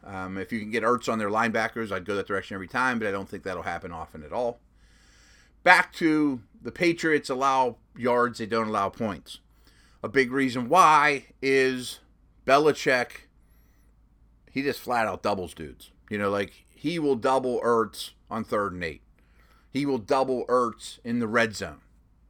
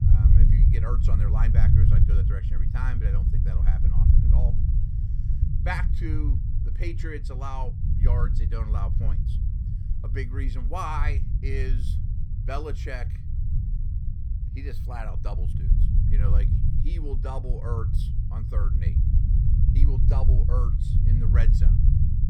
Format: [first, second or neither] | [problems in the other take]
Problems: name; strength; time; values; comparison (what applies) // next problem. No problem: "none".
first | low rumble; loud; throughout; 3 dB below the speech